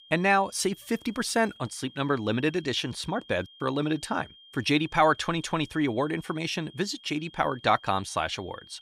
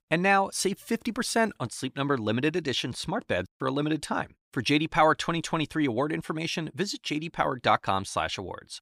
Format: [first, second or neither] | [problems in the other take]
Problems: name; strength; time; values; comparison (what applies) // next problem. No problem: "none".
second | high-pitched whine; faint; throughout; 3 kHz, 25 dB below the speech